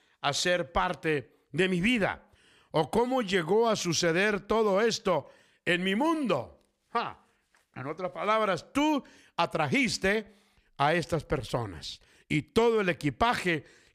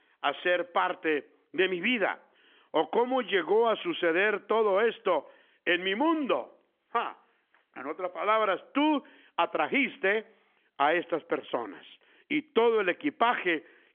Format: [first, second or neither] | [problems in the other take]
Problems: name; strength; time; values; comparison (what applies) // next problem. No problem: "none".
first | phone-call audio; nothing above 3.5 kHz